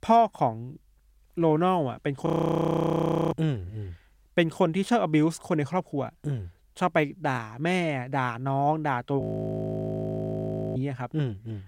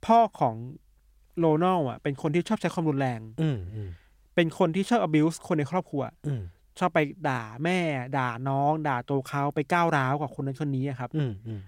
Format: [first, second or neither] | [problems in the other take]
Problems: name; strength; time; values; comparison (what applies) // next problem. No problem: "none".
second | audio freezing; at 2.5 s for 1 s and at 9 s for 1.5 s